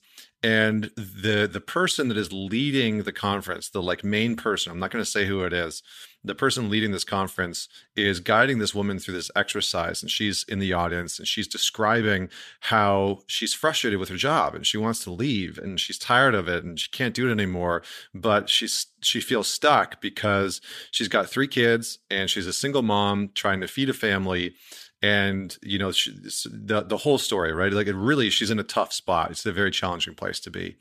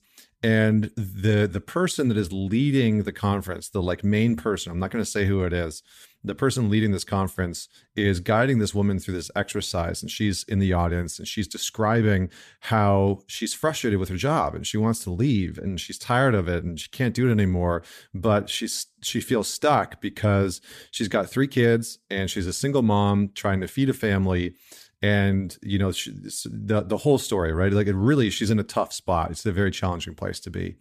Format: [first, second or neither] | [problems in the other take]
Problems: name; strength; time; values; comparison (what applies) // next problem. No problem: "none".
second | thin; very slightly; fading below 550 Hz